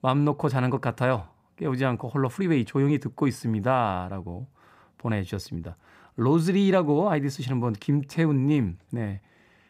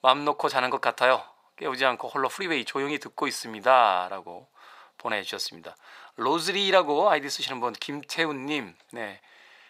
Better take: first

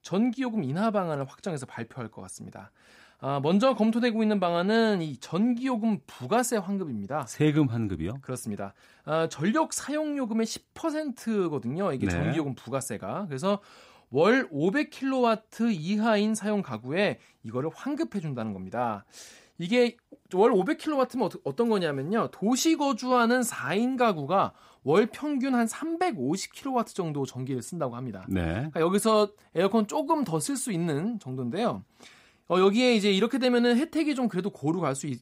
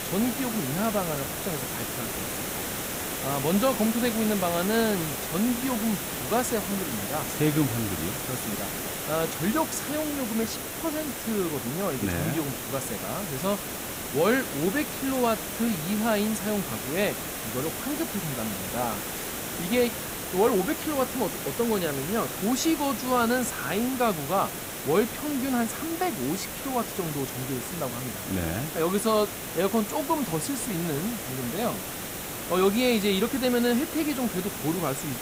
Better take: first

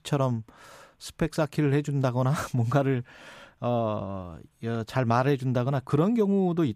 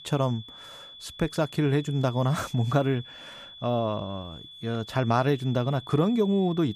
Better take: first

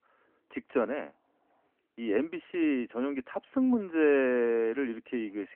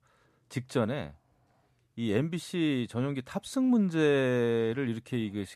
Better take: second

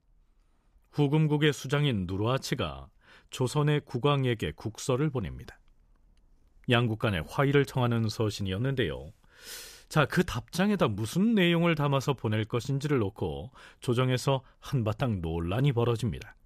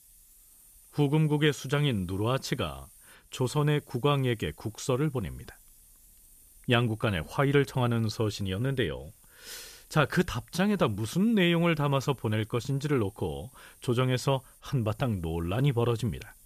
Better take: first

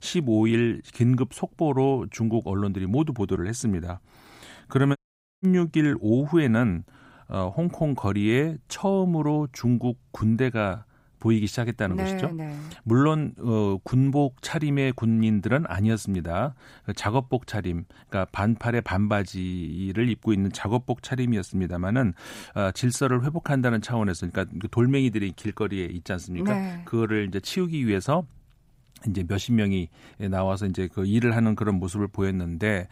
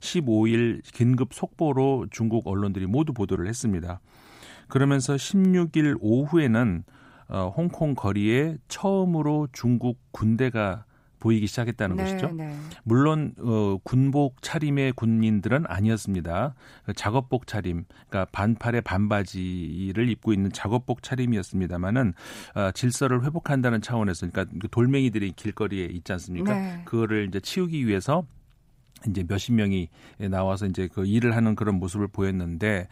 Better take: second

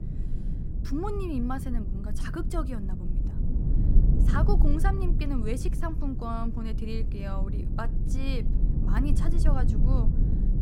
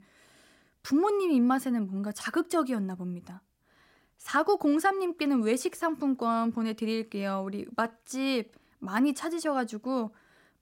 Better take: second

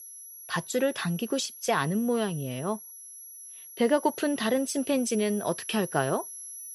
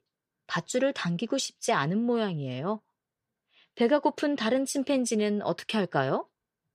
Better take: second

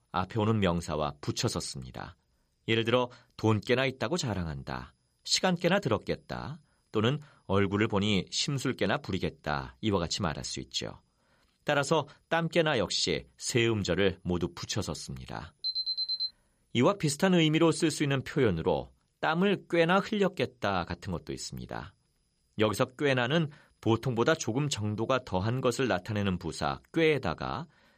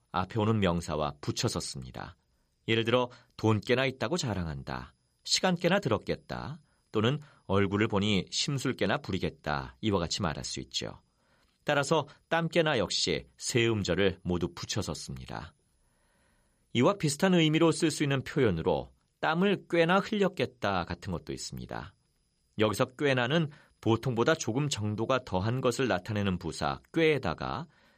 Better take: second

